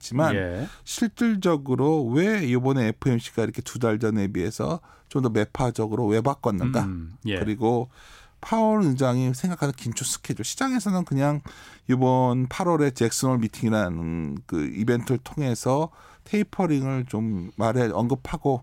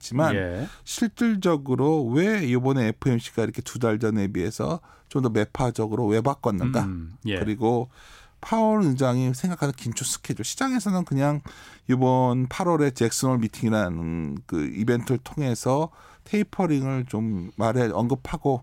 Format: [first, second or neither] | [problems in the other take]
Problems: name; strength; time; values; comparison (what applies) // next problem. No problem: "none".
neither | none